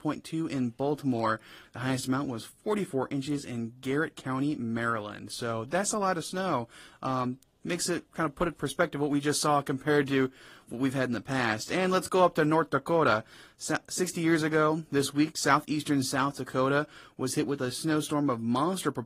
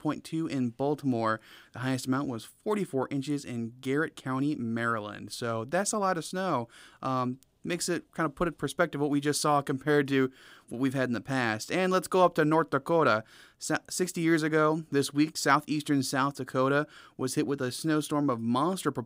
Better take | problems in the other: second | garbled, watery; slightly; nothing above 14.5 kHz

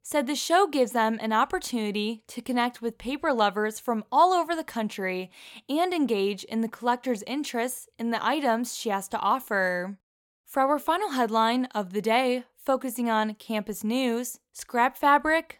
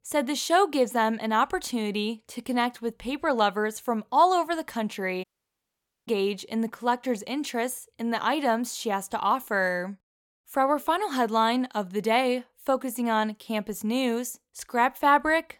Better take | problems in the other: first | audio cutting out; at 5 s for 1 s

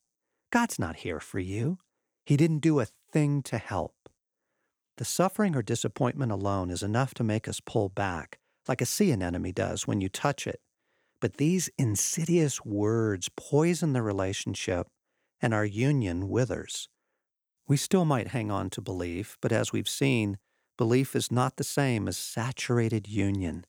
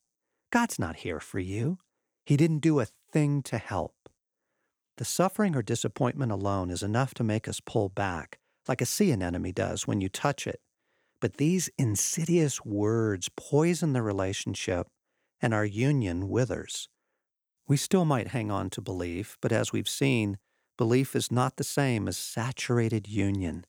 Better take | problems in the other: neither | none

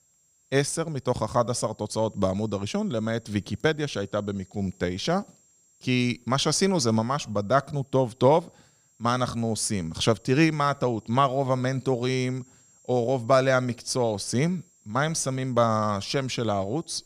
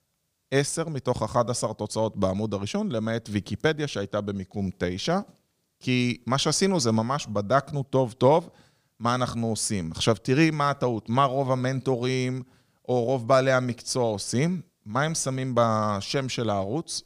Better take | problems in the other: second | high-pitched whine; faint; throughout; 7.5 kHz, 35 dB below the speech

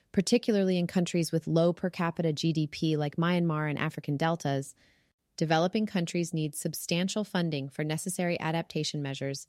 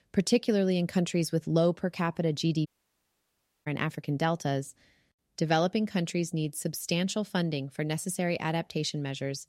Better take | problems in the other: first | audio cutting out; at 2.5 s for 1 s

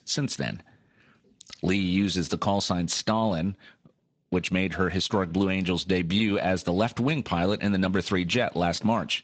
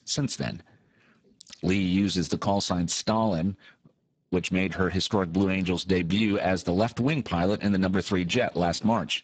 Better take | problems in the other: first | garbled, watery; badly; nothing above 7.5 kHz; slightly in the first

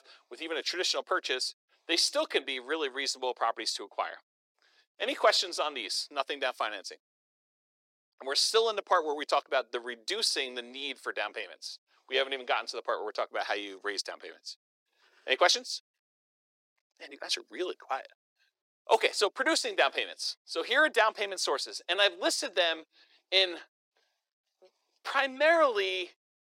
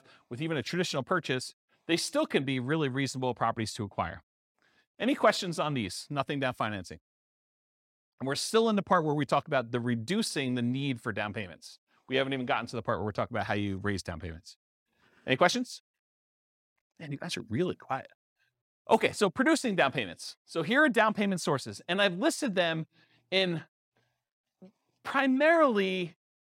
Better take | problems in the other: second | thin; very; fading below 350 Hz

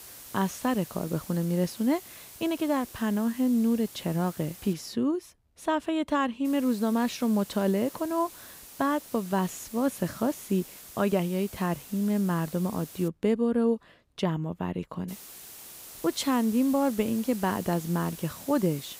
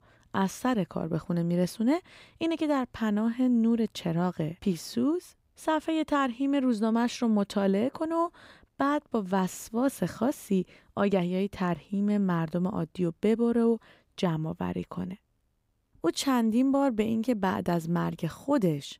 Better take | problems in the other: second | hiss; noticeable; until 4.5 s, from 6.5 to 13 s and from 15 s on; 15 dB below the speech

